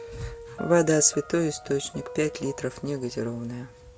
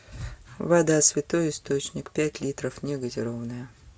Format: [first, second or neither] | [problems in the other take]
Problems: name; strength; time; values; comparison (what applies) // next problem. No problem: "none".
second | background sound (Piano); 16 dB below the speech